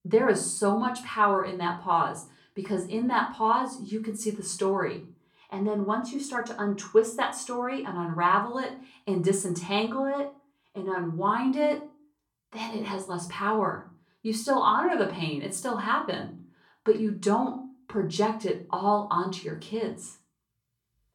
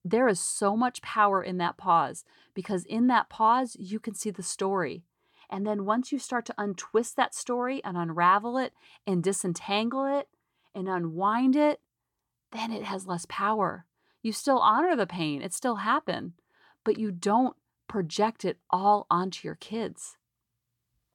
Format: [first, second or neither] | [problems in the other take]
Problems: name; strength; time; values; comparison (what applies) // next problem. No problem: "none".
second | room echo; slight; dies away in 0.3 s // off-mic speech; far